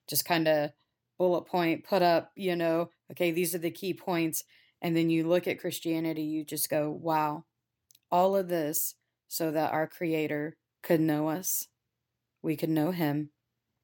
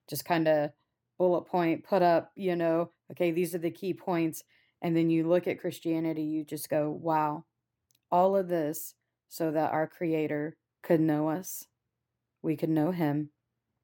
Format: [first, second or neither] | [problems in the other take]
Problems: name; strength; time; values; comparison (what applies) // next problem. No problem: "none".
first | muffled; slightly; fading above 2.5 kHz